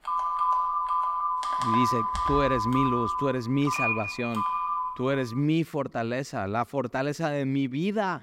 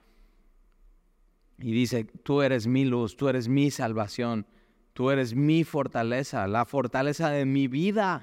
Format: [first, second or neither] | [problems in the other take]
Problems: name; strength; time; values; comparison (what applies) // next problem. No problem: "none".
second | phone ringing; loud; until 5 s; peak 4 dB above the speech